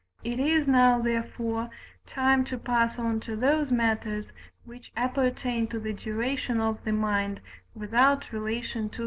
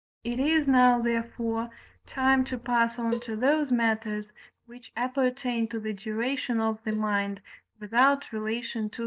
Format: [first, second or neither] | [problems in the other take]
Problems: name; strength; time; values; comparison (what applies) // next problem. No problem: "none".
first | noise reduction (neural mask model DeepFilterNet 3)